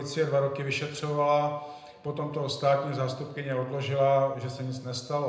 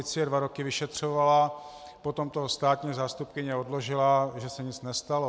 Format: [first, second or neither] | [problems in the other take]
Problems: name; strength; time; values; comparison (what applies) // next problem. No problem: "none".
second | room echo; dies away in 0.8 s